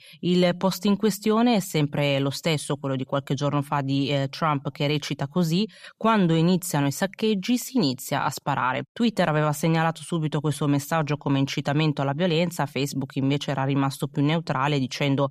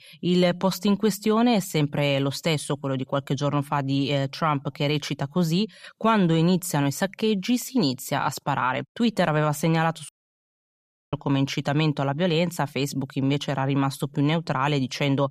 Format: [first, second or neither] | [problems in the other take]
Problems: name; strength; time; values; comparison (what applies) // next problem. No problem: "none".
first | audio cutting out; at 10 s for 1 s